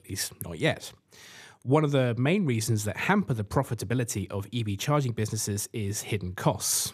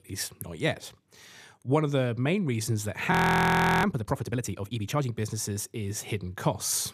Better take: first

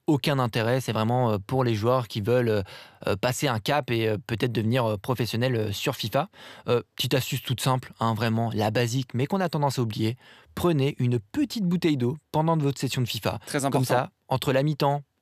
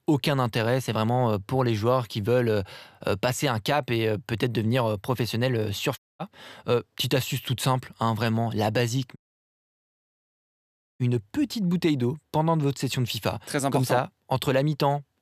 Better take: first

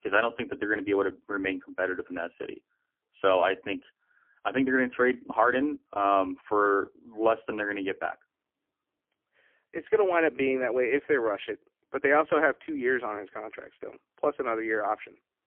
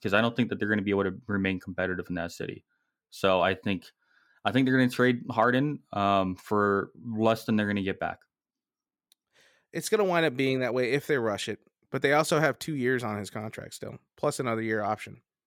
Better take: second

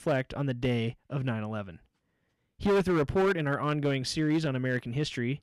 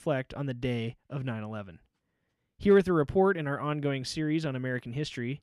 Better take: second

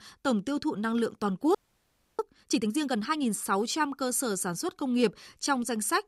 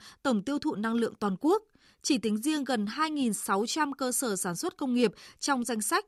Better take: second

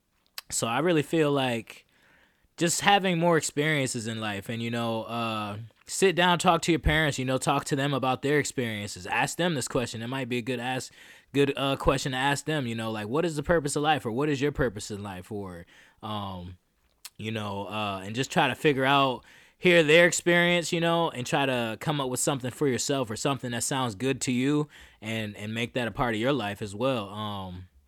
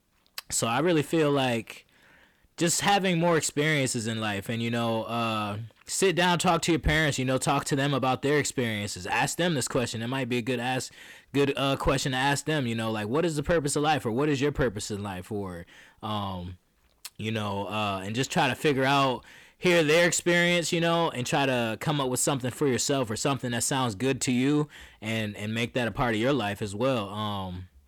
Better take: first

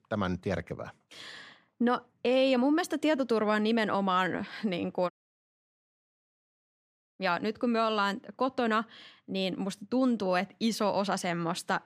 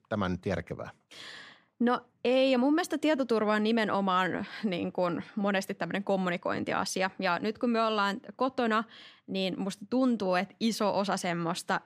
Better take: second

